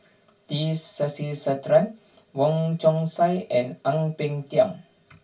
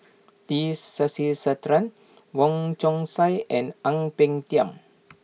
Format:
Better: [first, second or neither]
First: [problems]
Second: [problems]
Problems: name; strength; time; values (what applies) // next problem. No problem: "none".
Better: second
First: room echo; dies away in 0.2 s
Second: none